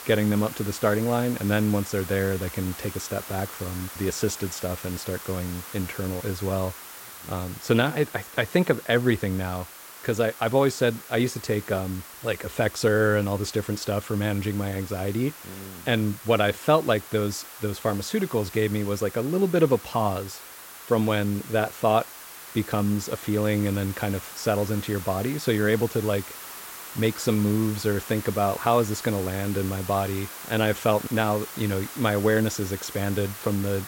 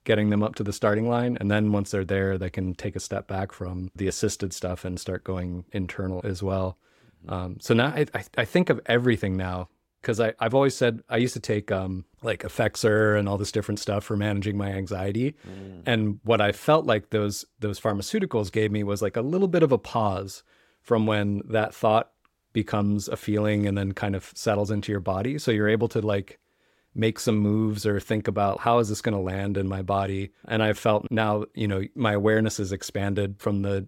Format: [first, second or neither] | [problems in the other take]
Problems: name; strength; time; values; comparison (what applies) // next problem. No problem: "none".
second | hiss; noticeable; throughout; 15 dB below the speech